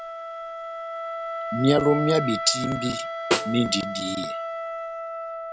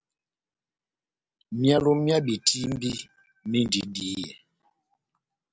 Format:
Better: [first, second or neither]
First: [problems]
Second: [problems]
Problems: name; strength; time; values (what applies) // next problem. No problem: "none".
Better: second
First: background sound (Snare drum + Wind instrument, woodwind instrument); 3 dB below the speech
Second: none